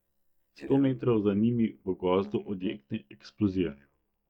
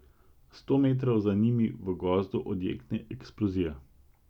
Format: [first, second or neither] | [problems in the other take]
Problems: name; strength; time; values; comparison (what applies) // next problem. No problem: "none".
second | noise reduction (neural mask model DeepFilterNet 3)